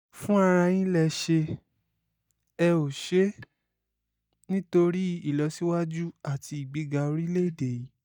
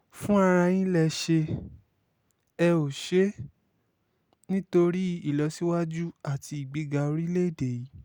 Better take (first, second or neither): second